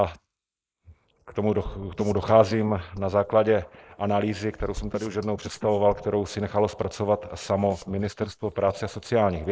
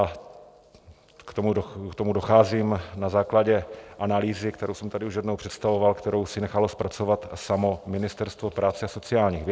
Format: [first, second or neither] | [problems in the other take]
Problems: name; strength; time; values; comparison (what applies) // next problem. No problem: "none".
second | noise reduction (neural mask model Resemble Enhance denoiser)